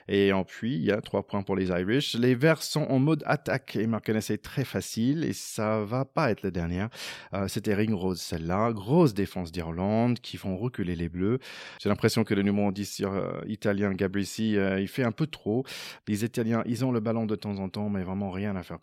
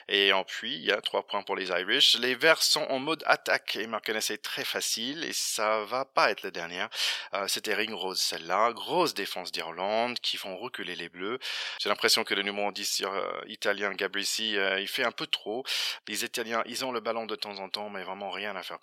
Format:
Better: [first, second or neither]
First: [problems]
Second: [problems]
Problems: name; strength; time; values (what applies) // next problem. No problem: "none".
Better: first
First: none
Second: thin; very; fading below 700 Hz